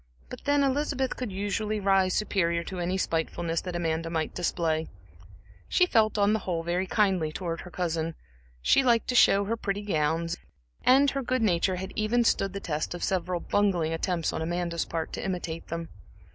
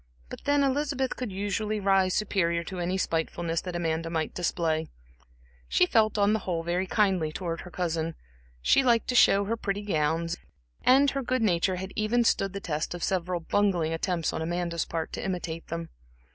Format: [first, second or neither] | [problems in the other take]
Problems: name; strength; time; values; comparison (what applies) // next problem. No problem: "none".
second | background sound (Thunder); 18 dB below the speech